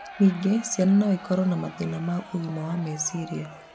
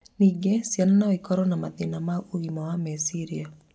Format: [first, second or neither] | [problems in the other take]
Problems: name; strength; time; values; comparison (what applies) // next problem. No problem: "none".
second | background sound (Crowd); 18 dB below the speech